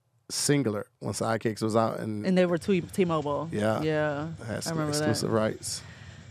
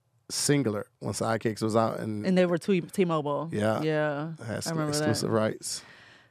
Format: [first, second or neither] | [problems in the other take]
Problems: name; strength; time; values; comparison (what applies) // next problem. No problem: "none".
second | hiss; faint; from 2.5 s on; 20 dB below the speech